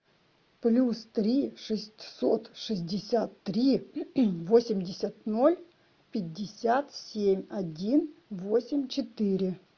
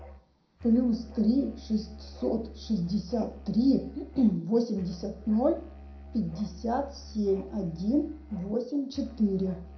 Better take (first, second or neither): first